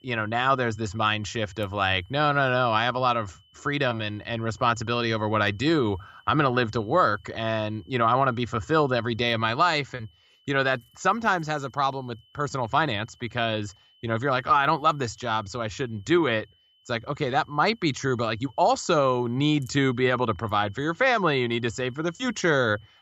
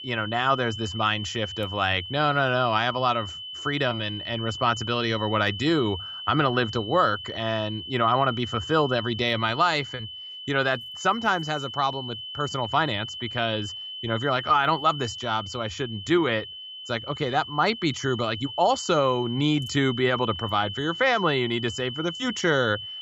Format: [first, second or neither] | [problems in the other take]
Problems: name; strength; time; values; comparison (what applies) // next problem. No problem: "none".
first | high-pitched whine; loud; throughout; 3 kHz, 9 dB below the speech; faint in the first